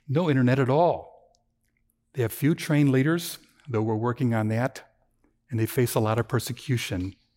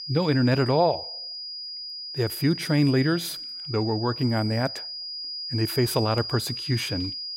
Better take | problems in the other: first | high-pitched whine; loud; throughout; 5 kHz, 7 dB below the speech

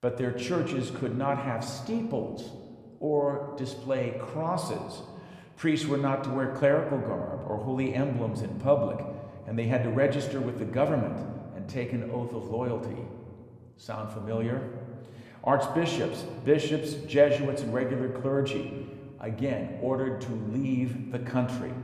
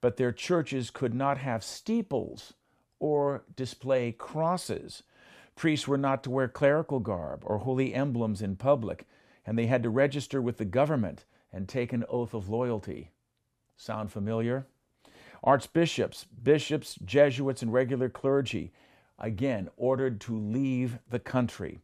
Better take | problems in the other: second | room echo; slight; dies away in 1.5 s

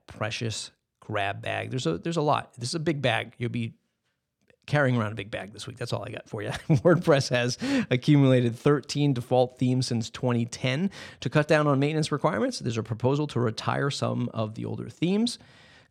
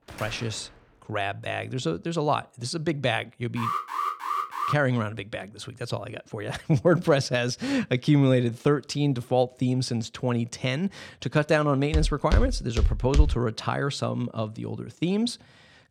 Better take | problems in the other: first | door banging; faint; at the start; peak 15 dB below the speech // alarm; noticeable; from 3.5 to 4.5 s; peak 2 dB below the speech // footsteps; loud; from 12 to 13 s; peak 2 dB above the speech

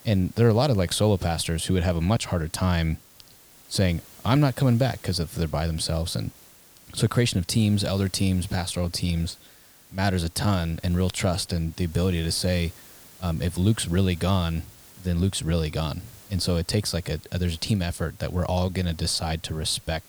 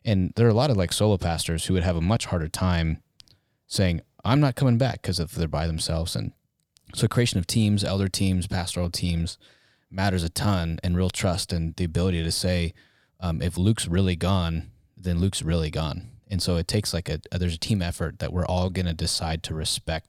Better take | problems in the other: second | hiss; faint; throughout; 20 dB below the speech

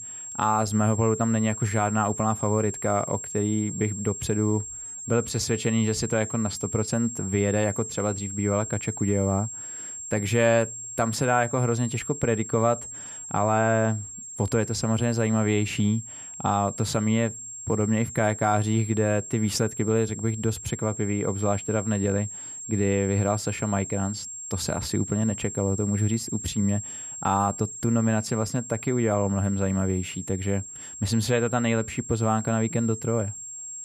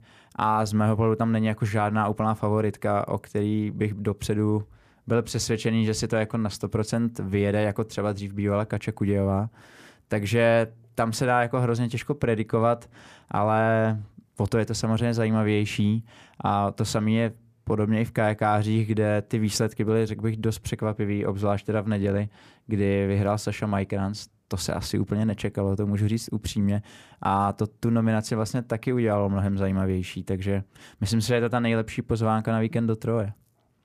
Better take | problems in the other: second | high-pitched whine; loud; throughout; 7.5 kHz, 9 dB below the speech

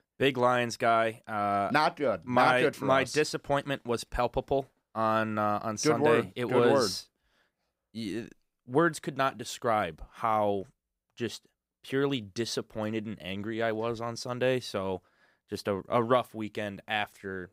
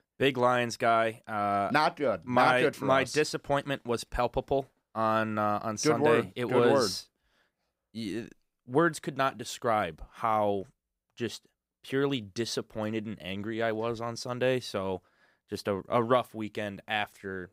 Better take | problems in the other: neither | none

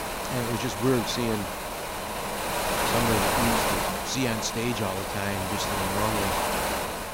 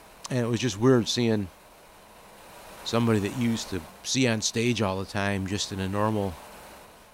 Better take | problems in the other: second | wind noise on the microphone; heavy; 5 dB above the speech; occasional gusts in the second

